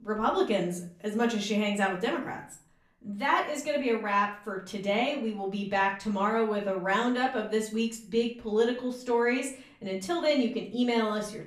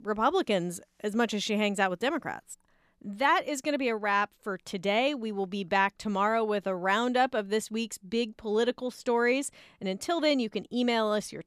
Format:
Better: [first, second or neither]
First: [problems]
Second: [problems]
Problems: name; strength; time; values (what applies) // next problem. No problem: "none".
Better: second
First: off-mic speech; far // room echo; slight; dies away in 0.4 s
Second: none